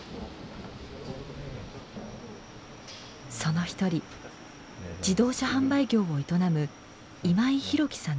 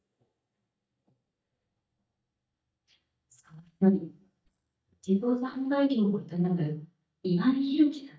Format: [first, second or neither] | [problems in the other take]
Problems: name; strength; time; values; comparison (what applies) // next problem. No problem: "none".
first | noise reduction (neural mask model DeepFilterNet 3)